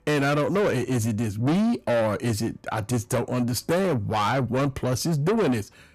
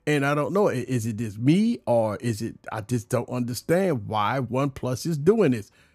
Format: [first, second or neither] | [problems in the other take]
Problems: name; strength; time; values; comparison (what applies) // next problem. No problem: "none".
second | distortion; heavy; 7 dB below the speech